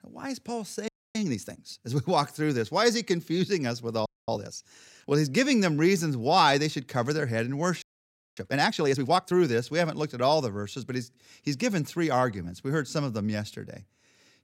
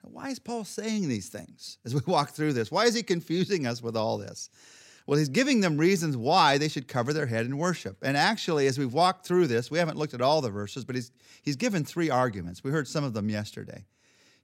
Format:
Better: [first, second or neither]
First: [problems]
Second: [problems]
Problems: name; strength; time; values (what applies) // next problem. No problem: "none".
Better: second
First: audio freezing; at 1 s, at 4 s and at 8 s for 0.5 s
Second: none